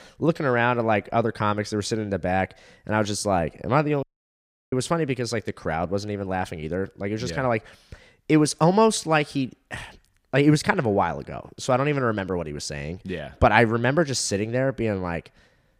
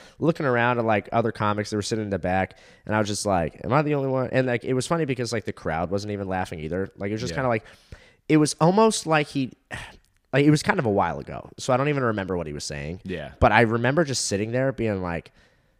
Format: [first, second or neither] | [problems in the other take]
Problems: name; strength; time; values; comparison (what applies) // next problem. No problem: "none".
second | audio cutting out; at 4 s for 0.5 s